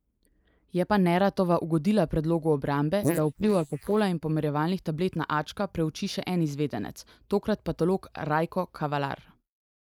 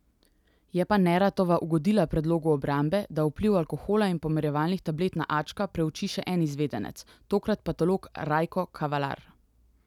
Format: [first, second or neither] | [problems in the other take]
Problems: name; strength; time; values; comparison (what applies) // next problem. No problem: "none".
second | noise reduction (neural mask model Resemble Enhance denoiser)